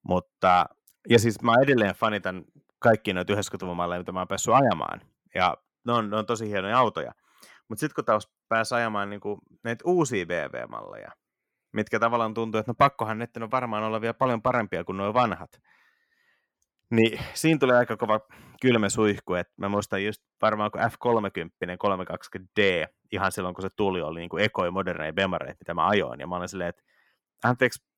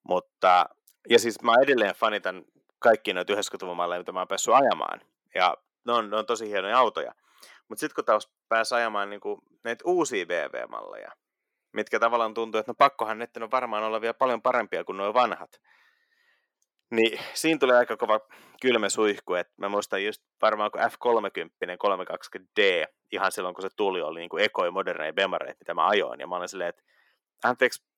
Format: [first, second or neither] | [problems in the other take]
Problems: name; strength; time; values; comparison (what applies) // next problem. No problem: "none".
first | thin; somewhat; fading below 400 Hz